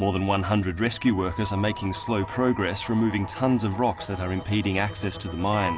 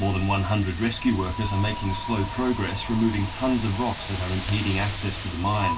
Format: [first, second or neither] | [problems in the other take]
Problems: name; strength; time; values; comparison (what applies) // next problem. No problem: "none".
first | background sound (Wind); 14 dB below the speech // room echo; dies away in 0.2 s